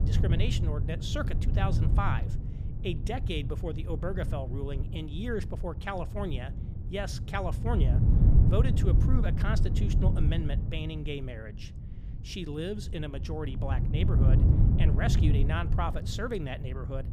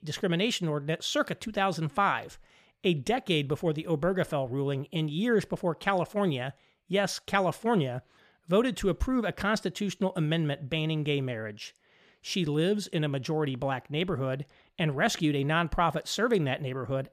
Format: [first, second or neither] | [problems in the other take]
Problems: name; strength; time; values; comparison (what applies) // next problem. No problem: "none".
second | wind noise on the microphone; heavy; 5 dB below the speech